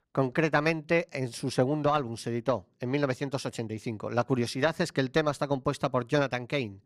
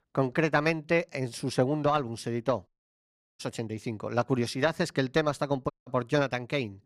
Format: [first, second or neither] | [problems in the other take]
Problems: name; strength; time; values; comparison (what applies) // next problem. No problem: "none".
first | audio cutting out; at 2.5 s for 0.5 s and at 5.5 s